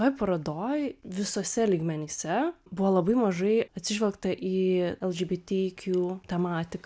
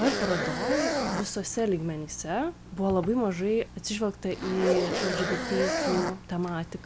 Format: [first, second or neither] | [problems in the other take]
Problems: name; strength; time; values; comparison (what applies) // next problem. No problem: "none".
first | background sound (Zipper (clothing)); 3 dB below the speech